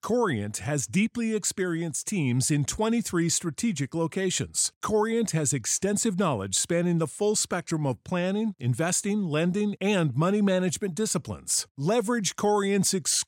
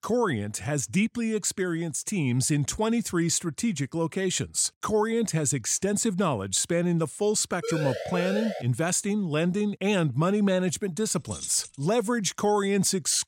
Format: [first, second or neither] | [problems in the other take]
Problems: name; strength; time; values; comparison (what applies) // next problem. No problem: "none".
first | siren; noticeable; at 7.5 s; peak 5 dB below the speech // jangling keys; noticeable; at 11 s; peak 8 dB below the speech